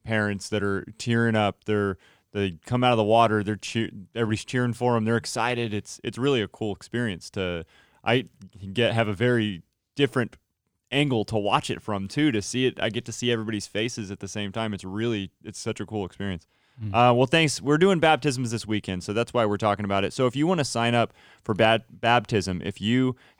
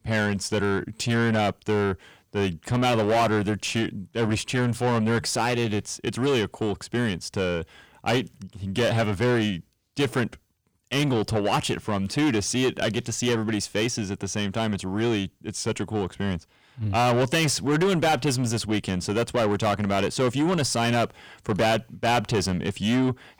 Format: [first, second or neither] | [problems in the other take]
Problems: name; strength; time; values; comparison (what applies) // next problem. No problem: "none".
first | distortion; heavy; 7 dB below the speech